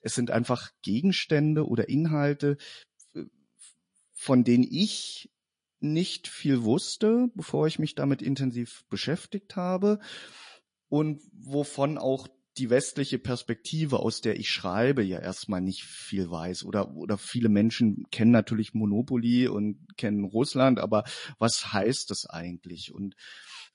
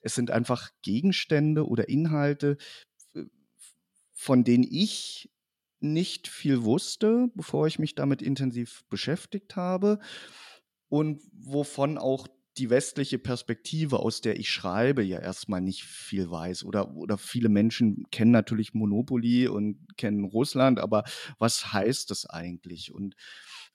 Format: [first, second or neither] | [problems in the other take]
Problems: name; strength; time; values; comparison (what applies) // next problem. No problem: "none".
second | garbled, watery; slightly; nothing above 10.5 kHz